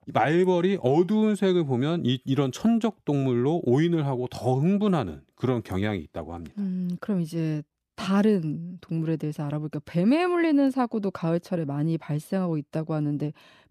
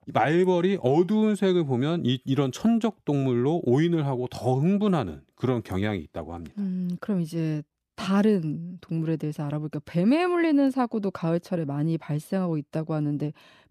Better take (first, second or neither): neither